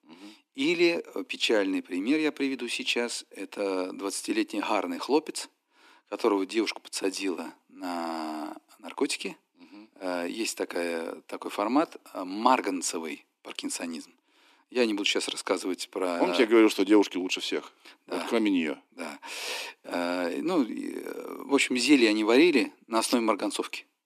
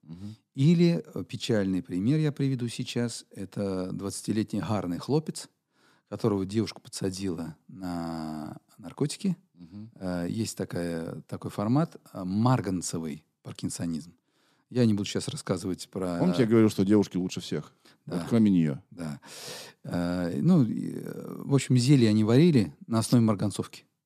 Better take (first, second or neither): second